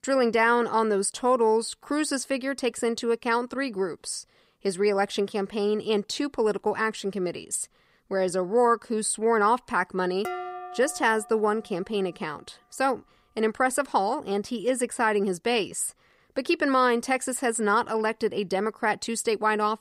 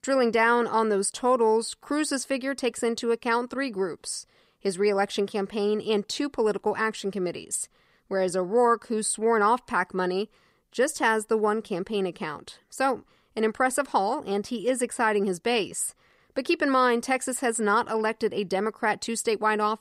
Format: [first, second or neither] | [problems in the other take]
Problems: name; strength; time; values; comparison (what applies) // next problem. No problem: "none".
second | clattering dishes; noticeable; from 10 to 11 s; peak 8 dB below the speech